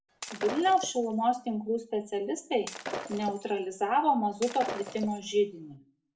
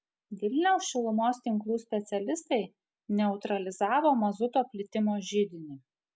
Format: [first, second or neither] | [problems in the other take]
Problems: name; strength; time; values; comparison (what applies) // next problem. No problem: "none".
second | background sound (Shatter); 11 dB below the speech // room echo; dies away in 0.3 s